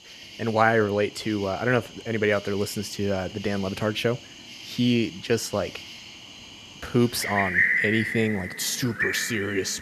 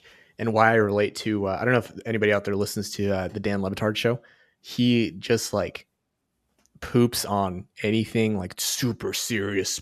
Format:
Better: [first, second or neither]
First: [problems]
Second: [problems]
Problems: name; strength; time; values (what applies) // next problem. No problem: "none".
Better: second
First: animal sounds; loud; throughout; 3 dB below the speech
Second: none